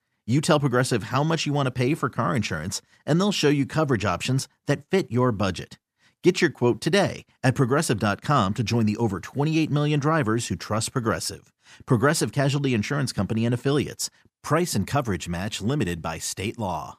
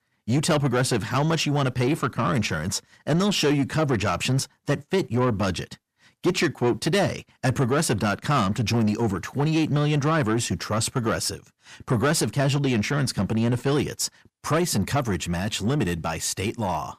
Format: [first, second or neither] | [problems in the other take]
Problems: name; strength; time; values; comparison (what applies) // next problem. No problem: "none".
first | distortion; slight; 10 dB below the speech